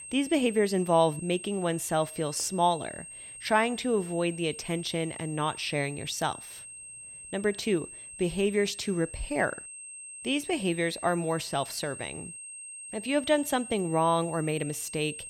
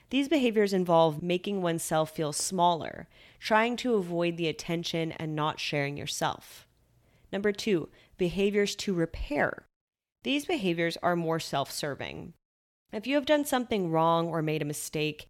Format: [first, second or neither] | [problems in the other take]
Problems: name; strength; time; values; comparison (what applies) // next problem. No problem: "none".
second | high-pitched whine; noticeable; throughout; 8.5 kHz, 10 dB below the speech